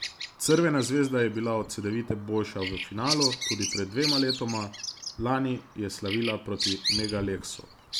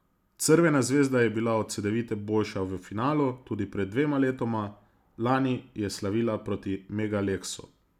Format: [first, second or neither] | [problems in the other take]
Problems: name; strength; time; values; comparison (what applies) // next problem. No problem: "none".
second | background sound (Bird vocalization, bird call, bird song); 5 dB below the speech